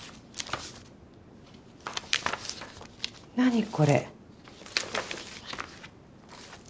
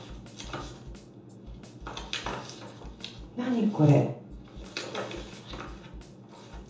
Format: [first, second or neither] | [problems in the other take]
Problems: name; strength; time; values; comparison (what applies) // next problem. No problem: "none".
first | background sound (Snare drum); 17 dB below the speech // room echo; dies away in 1.2 s